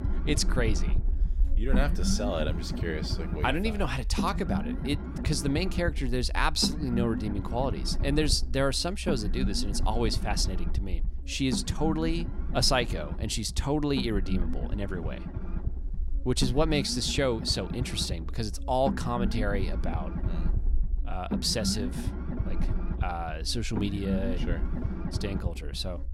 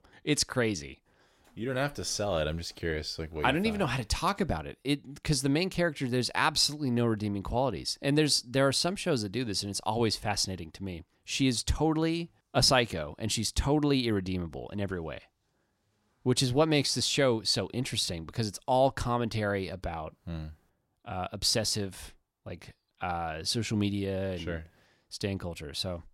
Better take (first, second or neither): second